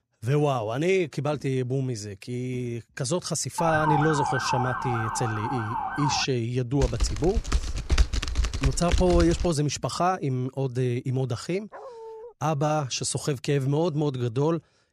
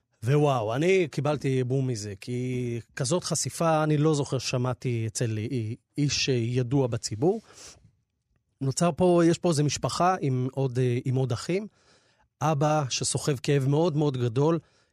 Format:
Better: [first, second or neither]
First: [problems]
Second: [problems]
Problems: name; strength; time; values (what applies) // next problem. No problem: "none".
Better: second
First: siren; loud; from 3.5 to 6.5 s; peak 1 dB above the speech // keyboard typing; loud; from 7 to 9.5 s; peak 1 dB above the speech // dog barking; faint; at 12 s; peak 15 dB below the speech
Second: none